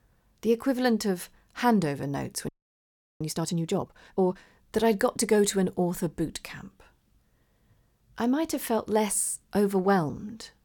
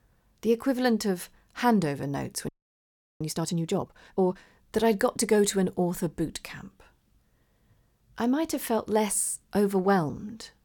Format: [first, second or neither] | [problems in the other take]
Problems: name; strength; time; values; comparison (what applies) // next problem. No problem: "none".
neither | audio freezing; at 2.5 s for 0.5 s; the same in both